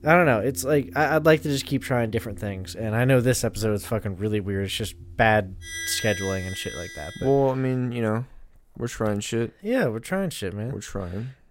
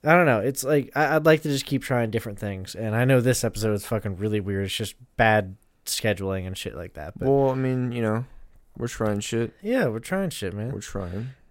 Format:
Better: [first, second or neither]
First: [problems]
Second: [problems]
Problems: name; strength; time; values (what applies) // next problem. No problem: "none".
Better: second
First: background music; noticeable; until 6.5 s; 15 dB below the speech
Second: none